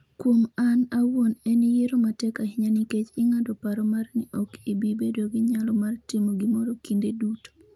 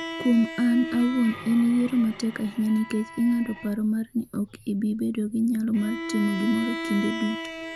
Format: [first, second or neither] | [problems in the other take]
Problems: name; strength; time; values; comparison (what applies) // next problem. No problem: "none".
first | background sound (Bowed string instrument); 11 dB below the speech